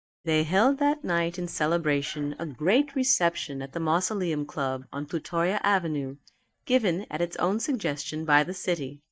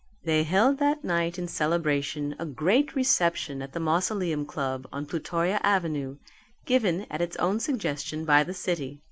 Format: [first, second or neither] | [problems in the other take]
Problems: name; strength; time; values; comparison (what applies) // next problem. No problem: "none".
second | noise reduction (neural mask model DeepFilterNet 3)